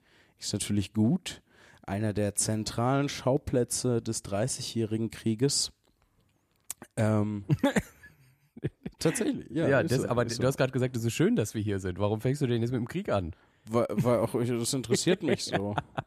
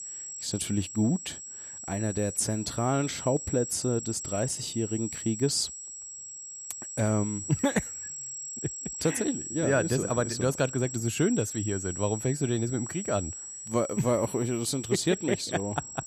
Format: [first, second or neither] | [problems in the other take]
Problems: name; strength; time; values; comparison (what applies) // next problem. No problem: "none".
first | high-pitched whine; loud; throughout; 7.5 kHz, 7 dB below the speech